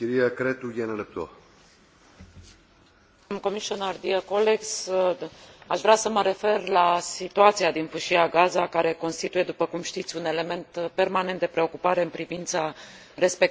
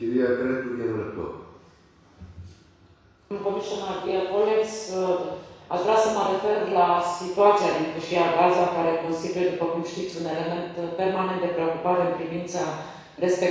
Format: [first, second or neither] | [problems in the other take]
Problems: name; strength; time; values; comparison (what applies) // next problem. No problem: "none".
first | room echo; dies away in 1.1 s